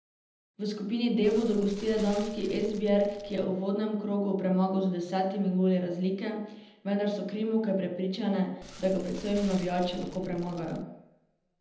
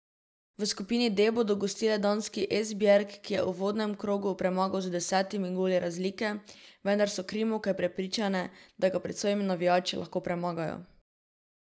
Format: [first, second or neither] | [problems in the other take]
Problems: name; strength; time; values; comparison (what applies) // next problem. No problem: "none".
second | background sound (Fire); 16 dB below the speech // room echo; dies away in 0.8 s